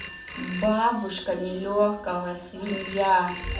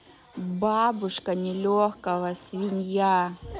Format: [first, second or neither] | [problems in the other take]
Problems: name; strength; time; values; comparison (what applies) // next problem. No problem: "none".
second | background sound (Telephone); 15 dB below the speech // room echo; dies away in 0.4 s